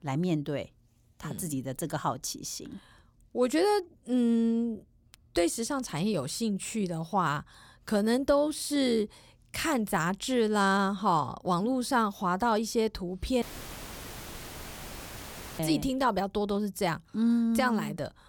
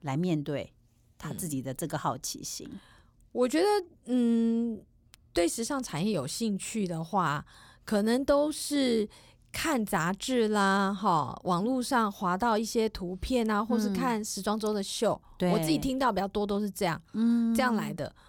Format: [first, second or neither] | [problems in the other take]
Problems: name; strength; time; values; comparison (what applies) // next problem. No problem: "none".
second | audio cutting out; filled with static; at 13 s for 2 s